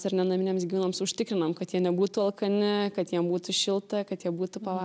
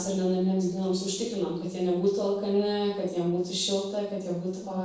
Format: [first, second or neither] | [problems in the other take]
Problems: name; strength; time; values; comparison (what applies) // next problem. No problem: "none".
first | noise reduction (neural separator model SepFormer DNS4)